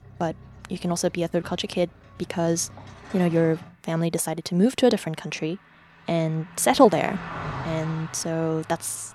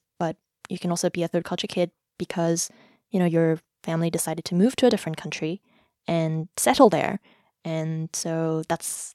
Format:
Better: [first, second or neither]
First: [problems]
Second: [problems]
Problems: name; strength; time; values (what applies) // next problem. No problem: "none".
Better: second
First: traffic noise; noticeable; throughout; 15 dB below the speech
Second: none